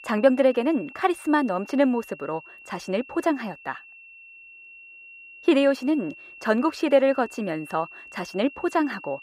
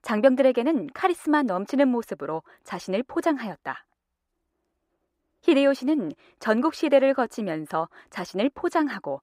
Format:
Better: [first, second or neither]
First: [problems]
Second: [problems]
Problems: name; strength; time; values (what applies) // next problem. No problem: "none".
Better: second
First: high-pitched whine; noticeable; throughout; 2.5 kHz, 20 dB below the speech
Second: none